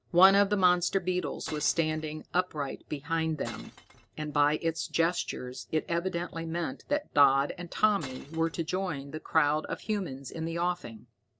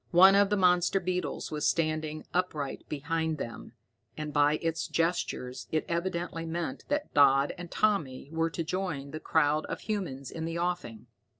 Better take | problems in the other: second | background sound (Glass); 18 dB below the speech

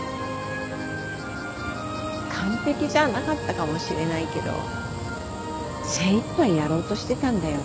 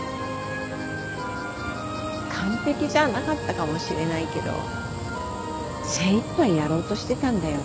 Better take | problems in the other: first | background sound (Guitar); 19 dB below the speech

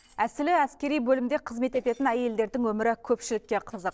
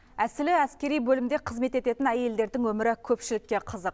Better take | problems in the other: second | noise reduction (neural separator model SepFormer DNS4)

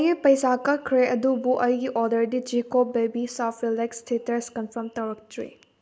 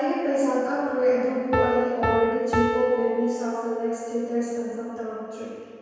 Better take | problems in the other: first | background sound (Piano); 6 dB below the speech // room echo; dies away in 1.9 s

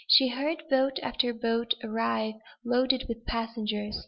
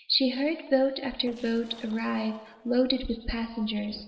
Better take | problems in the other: first | noise reduction (neural separator model SepFormer DNS4)

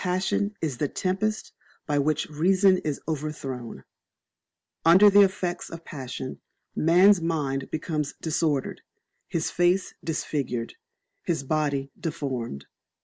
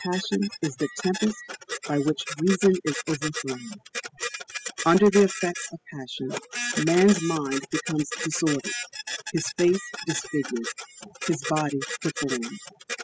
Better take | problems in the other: first | noise reduction (classical method spectral subtraction)

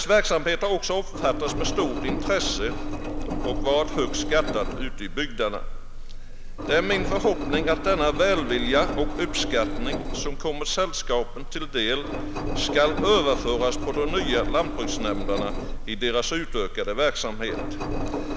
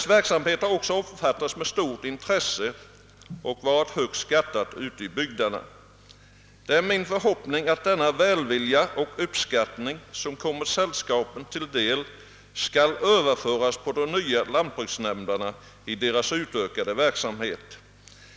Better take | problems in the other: second | background sound (Engine); 2 dB below the speech

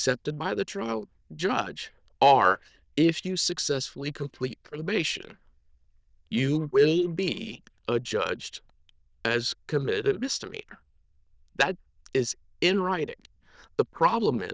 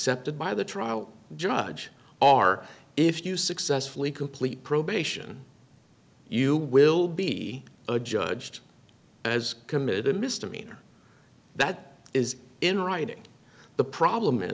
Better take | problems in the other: second | noise reduction (neural diffusion model UNIVERSE++)

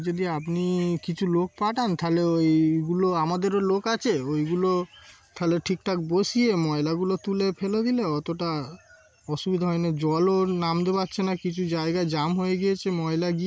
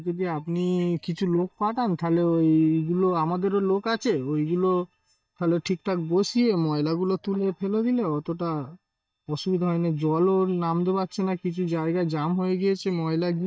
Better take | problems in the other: first | noise reduction (neural mask model DeepFilterNet 3)

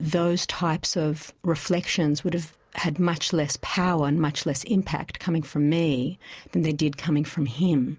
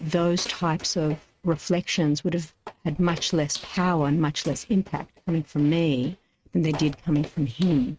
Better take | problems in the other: first | noise reduction (neural mask model RNNoise)

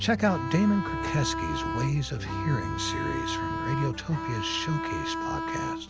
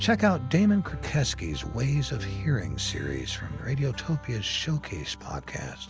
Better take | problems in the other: second | background sound (Bowed string instrument); 4 dB below the speech

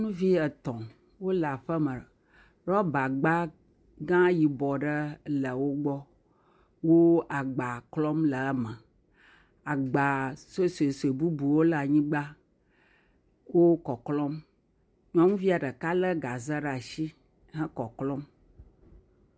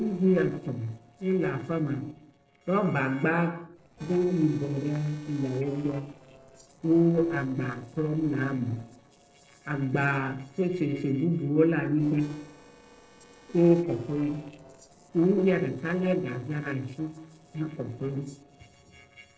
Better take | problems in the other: first | noise reduction (neural separator model SepFormer DNS4)

